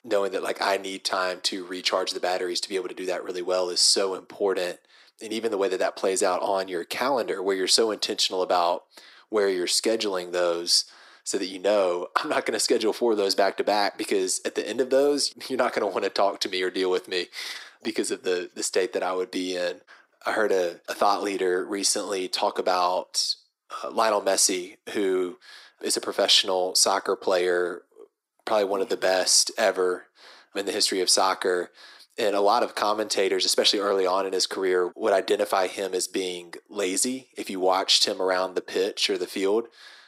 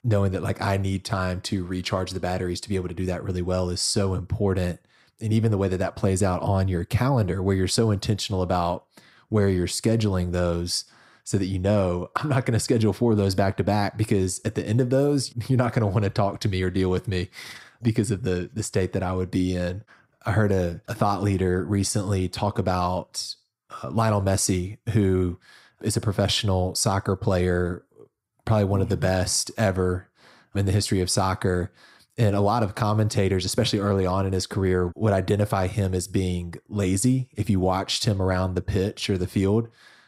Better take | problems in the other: second | thin; very; fading below 350 Hz

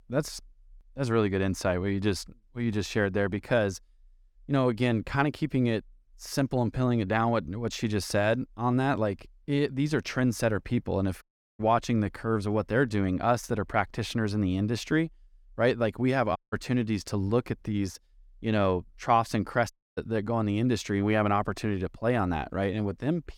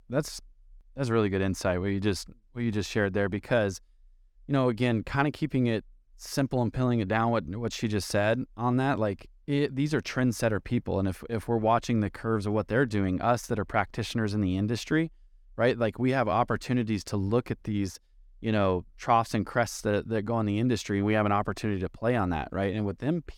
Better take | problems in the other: second | audio cutting out; at 11 s, at 16 s and at 20 s

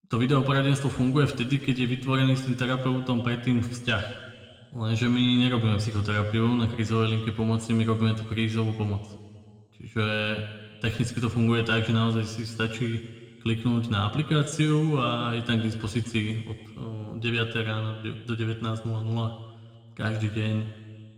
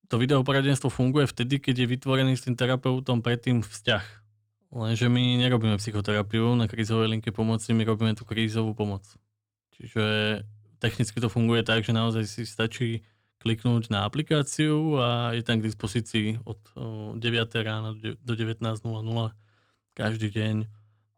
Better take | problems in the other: second | room echo; slight; dies away in 1.6 s

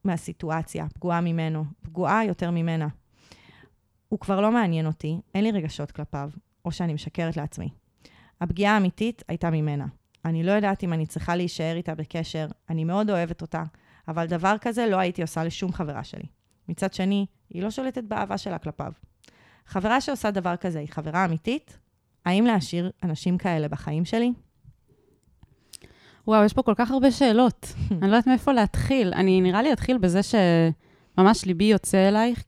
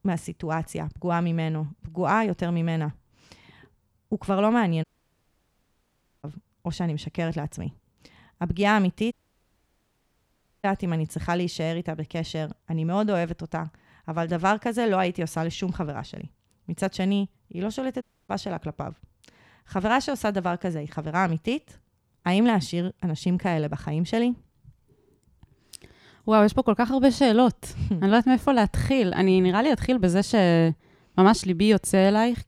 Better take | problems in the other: first | audio cutting out; at 5 s for 1.5 s, at 9 s for 1.5 s and at 18 s

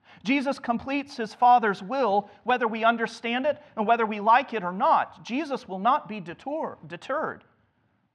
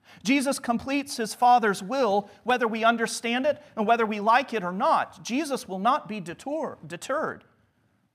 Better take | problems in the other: second | muffled; slightly; fading above 3 kHz

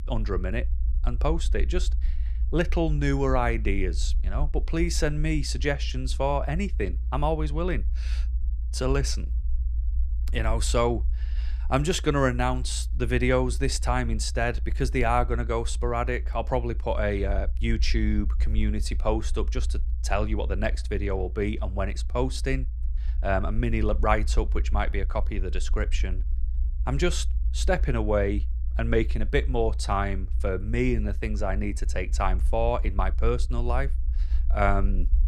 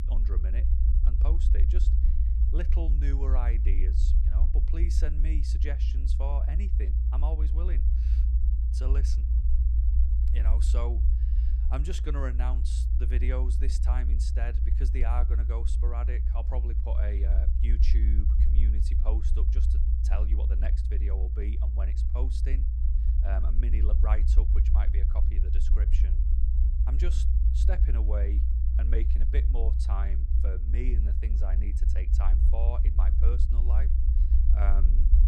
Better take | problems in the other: first | low rumble; loud; throughout; 4 dB below the speech; faint in the first

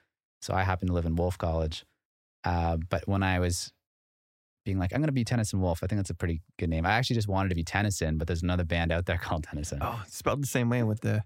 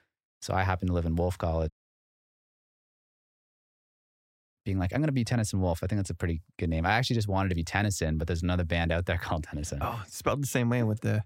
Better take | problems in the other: first | audio cutting out; at 1.5 s for 2 s

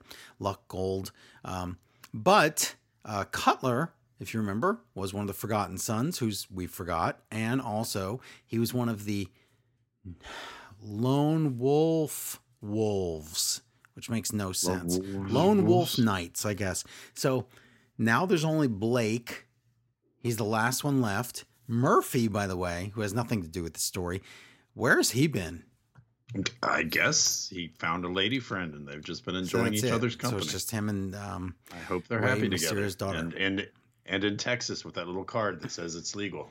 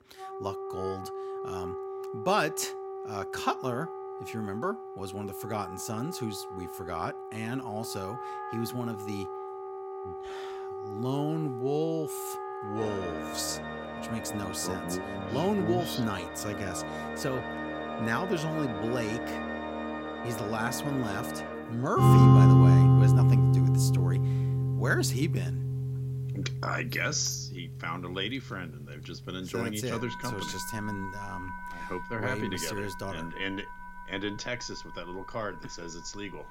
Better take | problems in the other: first | background music; very loud; throughout; 5 dB above the speech

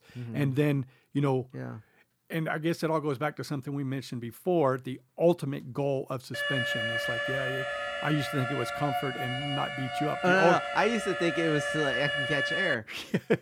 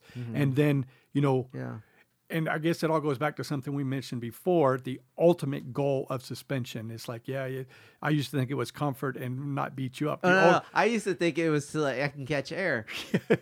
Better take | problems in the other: second | alarm; loud; from 6.5 to 13 s; peak 2 dB above the speech

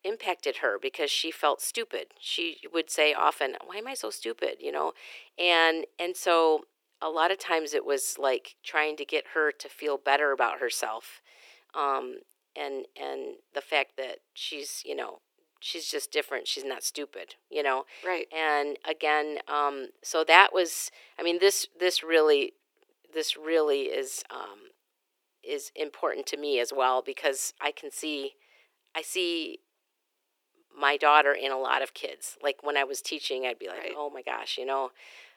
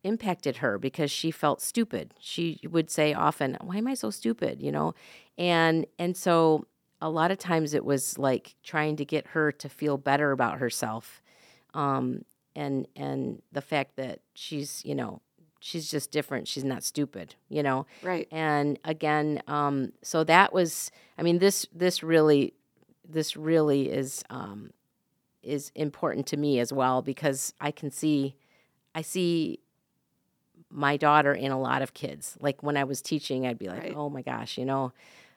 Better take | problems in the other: second | thin; very; fading below 350 Hz

